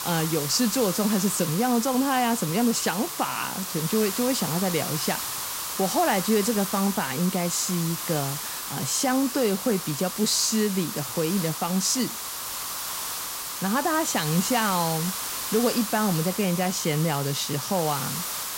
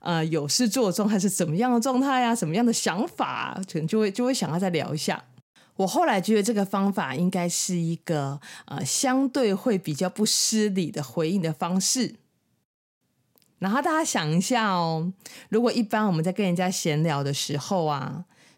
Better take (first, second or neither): second